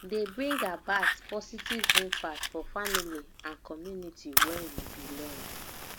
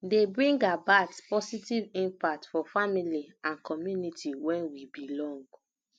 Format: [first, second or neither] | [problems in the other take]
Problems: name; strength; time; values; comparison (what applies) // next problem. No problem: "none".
second | background sound (Fire); 3 dB above the speech